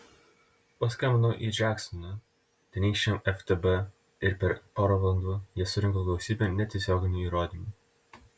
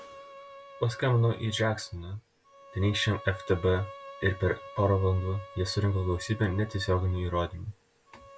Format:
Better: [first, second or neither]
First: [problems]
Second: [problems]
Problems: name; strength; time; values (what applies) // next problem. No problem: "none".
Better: first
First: none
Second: background sound (Bowed string instrument); 18 dB below the speech